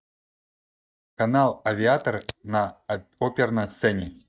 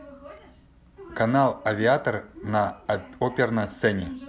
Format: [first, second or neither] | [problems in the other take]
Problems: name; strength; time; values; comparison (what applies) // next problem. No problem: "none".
second | noise reduction (neural mask model DeepFilterNet 3)